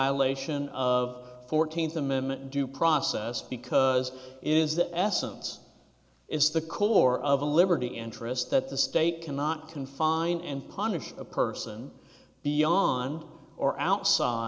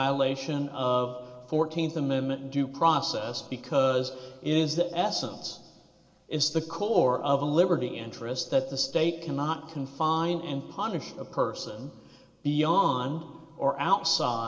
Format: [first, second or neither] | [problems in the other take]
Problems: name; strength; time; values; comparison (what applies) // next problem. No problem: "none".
first | room echo; dies away in 1.9 s